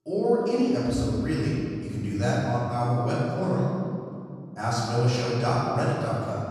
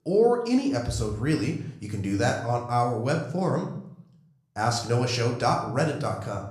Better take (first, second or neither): second